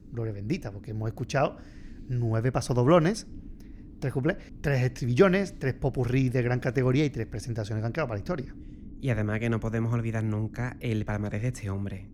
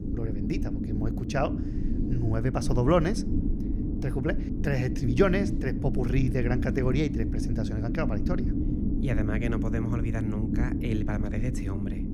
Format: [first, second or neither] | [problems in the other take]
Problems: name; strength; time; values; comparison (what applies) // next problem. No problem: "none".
first | low rumble; loud; throughout; 5 dB below the speech; faint in the first